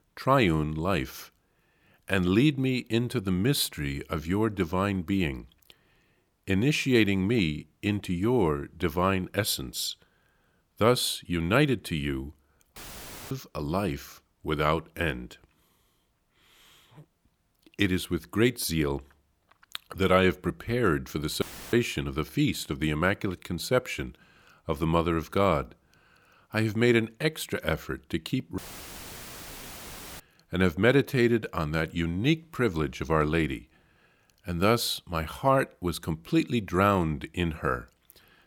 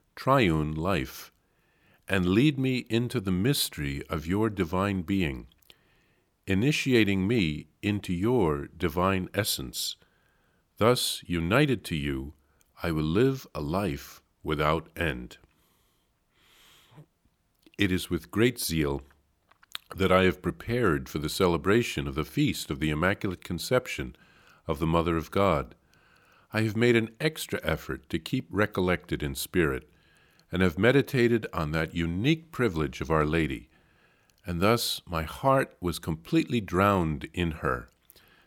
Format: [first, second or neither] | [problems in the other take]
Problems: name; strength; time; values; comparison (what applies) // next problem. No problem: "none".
second | audio cutting out; filled with static; at 13 s for 0.5 s, at 21 s and at 29 s for 1.5 s